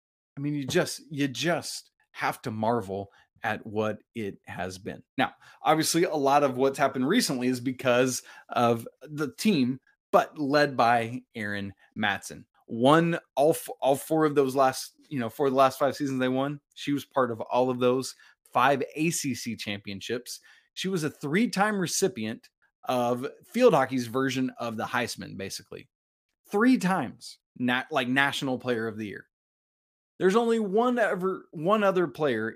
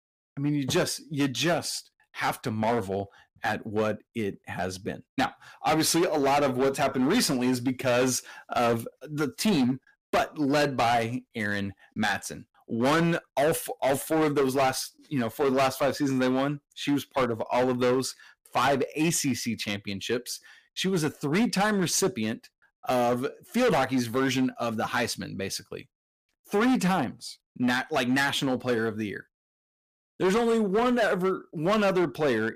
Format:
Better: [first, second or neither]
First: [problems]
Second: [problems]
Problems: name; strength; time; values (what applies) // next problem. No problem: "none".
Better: first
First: none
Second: distortion; heavy; 11% of the sound clipped